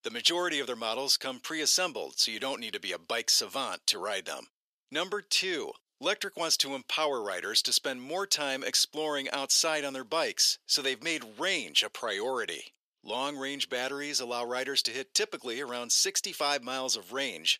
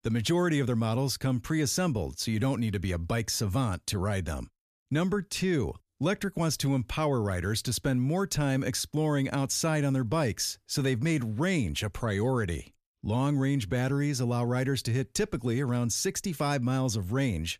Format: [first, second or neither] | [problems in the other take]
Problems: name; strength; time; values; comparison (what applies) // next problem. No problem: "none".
second | thin; very; fading below 450 Hz